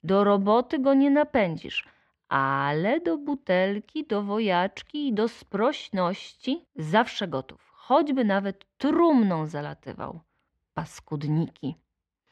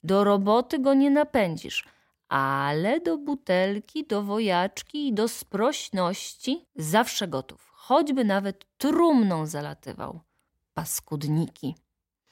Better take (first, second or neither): second